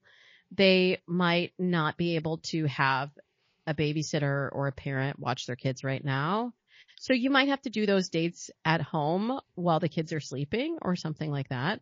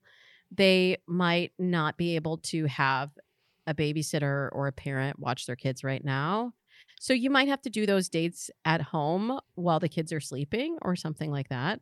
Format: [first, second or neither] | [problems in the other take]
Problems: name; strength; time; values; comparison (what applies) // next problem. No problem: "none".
second | garbled, watery; slightly